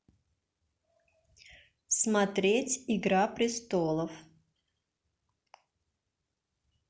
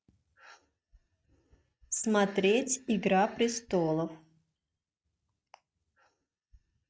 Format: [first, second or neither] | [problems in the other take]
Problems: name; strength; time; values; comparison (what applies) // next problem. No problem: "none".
first | noise reduction (neural mask model RNNoise)